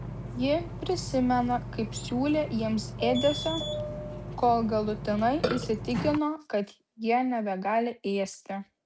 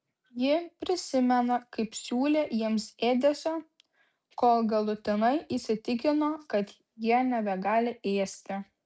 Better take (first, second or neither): second